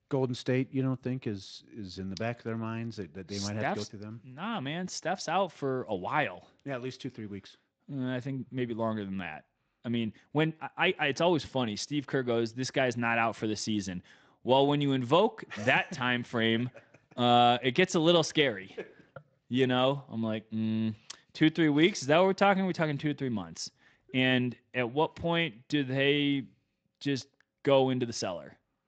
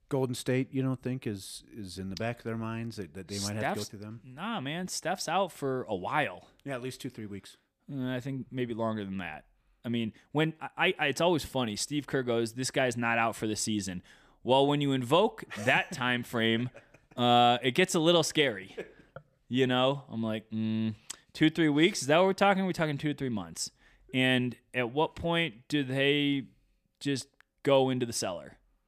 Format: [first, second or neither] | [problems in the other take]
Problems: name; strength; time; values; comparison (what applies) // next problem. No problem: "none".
second | garbled, watery; slightly; nothing above 7.5 kHz